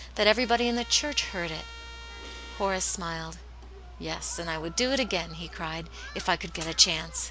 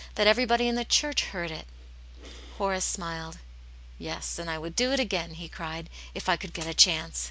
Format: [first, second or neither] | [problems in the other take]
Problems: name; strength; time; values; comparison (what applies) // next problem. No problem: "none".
second | background sound (Trumpet + Human group actions); 17 dB below the speech